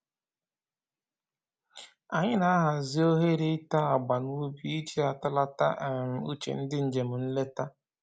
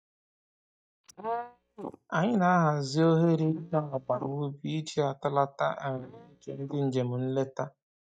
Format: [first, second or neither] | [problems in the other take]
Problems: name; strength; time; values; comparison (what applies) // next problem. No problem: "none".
first | noise reduction (neural mask model DeepFilterNet 3)